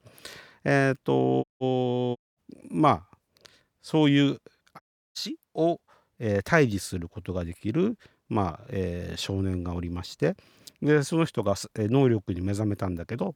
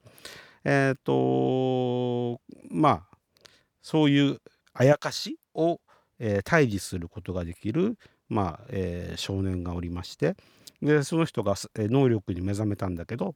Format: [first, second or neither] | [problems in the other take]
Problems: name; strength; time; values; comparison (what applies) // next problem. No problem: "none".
second | audio cutting out; at 1.5 s, at 2 s and at 5 s